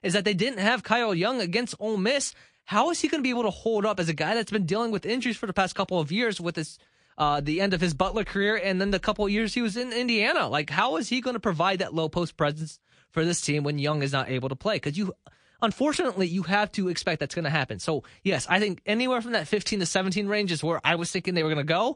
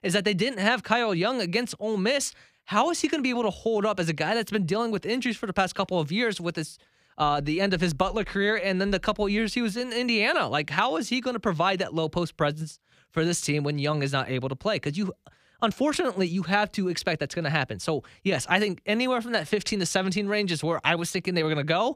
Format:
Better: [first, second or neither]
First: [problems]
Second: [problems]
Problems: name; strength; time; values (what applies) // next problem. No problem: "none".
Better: second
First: garbled, watery; slightly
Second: none